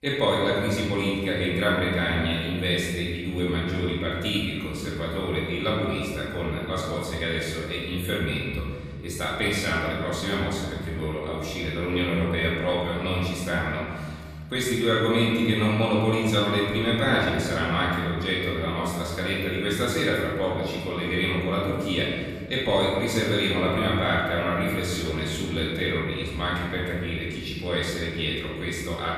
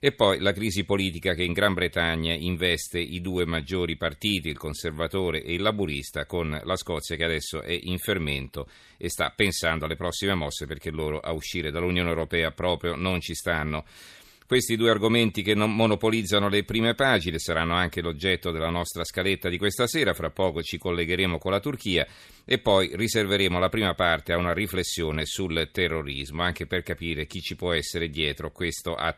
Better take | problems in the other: second | off-mic speech; far // room echo; noticeable; dies away in 1.8 s

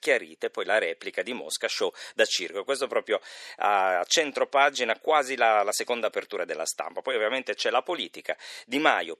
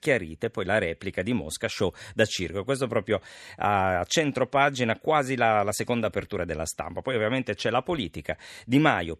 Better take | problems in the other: second | thin; somewhat; fading below 400 Hz

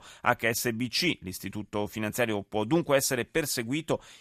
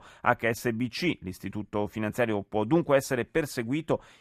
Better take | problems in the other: first | muffled; slightly; fading above 2.5 kHz

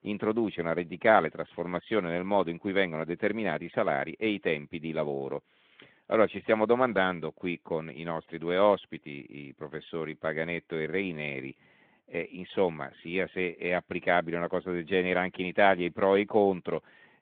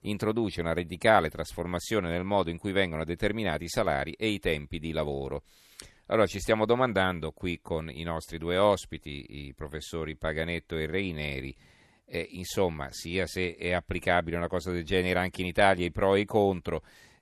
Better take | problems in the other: second | phone-call audio

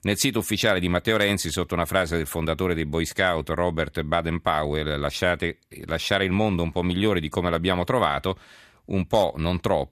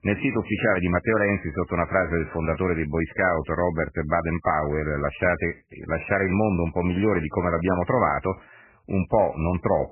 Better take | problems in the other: first | garbled, watery; badly; nothing above 2.5 kHz

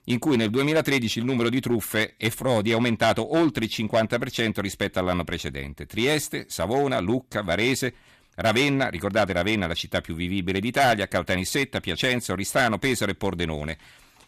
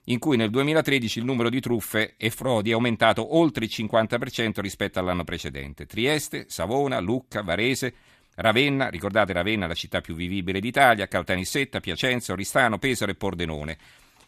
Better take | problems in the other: second | distortion; slight; 4% of the sound clipped

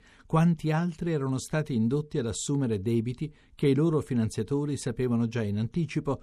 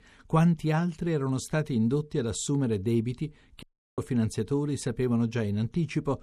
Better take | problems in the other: first | audio cutting out; at 3.5 s

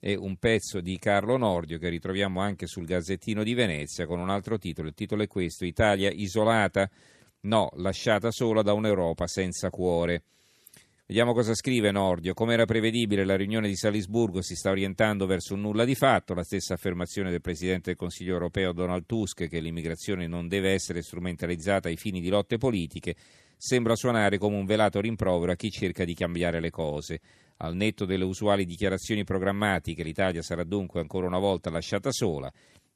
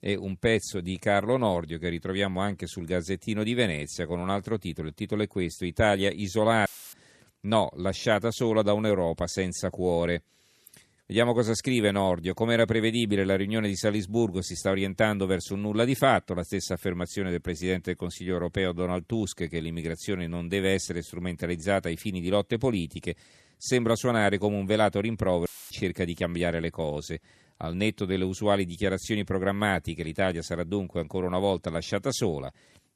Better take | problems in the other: first | audio cutting out; filled with static; at 6.5 s and at 25 s

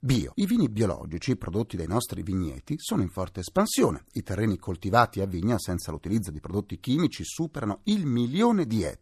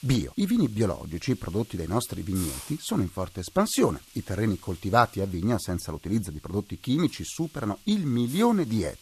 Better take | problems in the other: first | hiss; noticeable; throughout; 20 dB below the speech

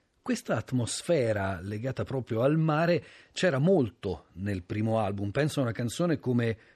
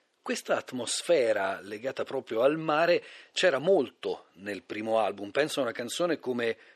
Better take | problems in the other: first | thin; somewhat; fading below 450 Hz

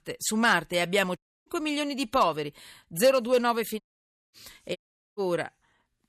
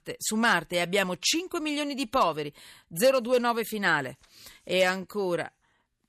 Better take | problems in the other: second | audio cutting out; at 1 s, at 4 s for 0.5 s and at 5 s

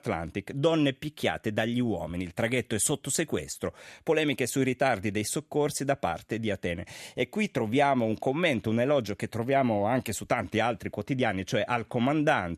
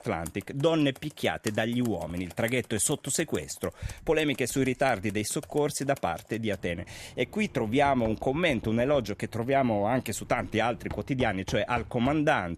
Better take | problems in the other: first | household noises; noticeable; throughout; 20 dB below the speech

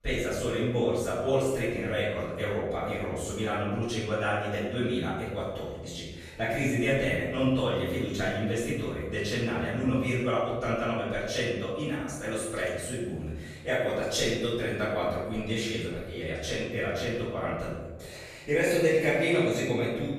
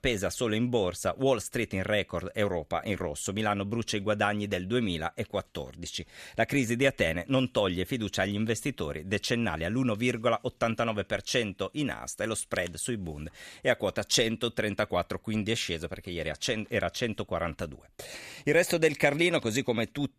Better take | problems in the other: second | off-mic speech; far // room echo; strong; dies away in 1.1 s

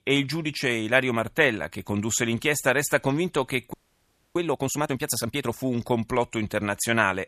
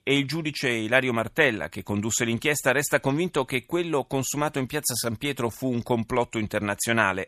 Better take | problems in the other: second | audio freezing; at 3.5 s for 0.5 s

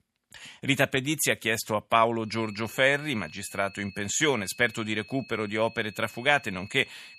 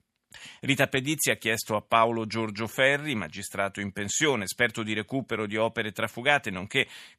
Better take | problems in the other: second | high-pitched whine; faint; from 2.5 s on; 2.5 kHz, 20 dB below the speech

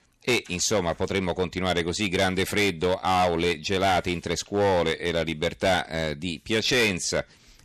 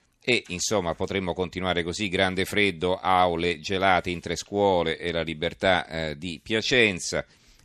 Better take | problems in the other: second | distortion; heavy; 7% of the sound clipped

